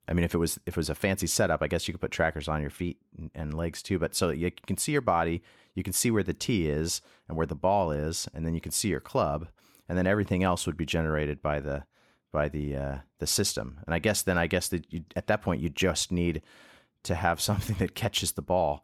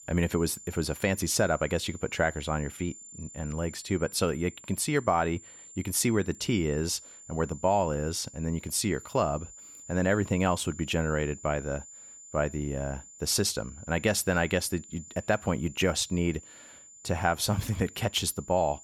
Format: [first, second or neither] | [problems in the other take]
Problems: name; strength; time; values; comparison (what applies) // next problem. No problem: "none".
first | high-pitched whine; noticeable; throughout; 7 kHz, 15 dB below the speech